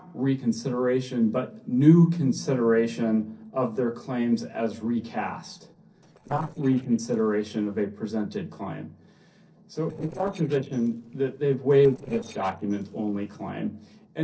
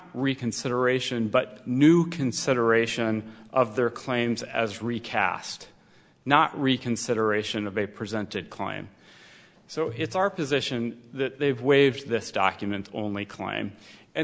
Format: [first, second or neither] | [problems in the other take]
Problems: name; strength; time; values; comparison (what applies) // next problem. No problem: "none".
second | noise reduction (neural separator model SepFormer DNS4)